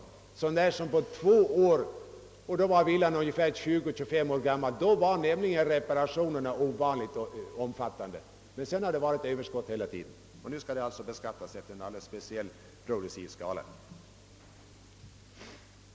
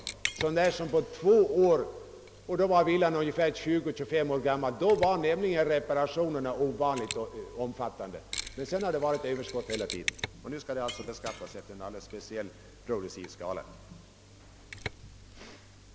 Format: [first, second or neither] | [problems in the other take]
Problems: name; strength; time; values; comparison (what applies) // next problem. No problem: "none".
first | background sound (Shatter + Mechanisms); 15 dB below the speech